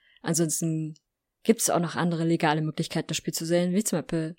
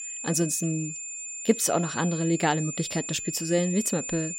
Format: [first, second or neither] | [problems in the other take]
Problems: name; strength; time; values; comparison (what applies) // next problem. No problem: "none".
first | high-pitched whine; loud; throughout; 7 kHz, 6 dB below the speech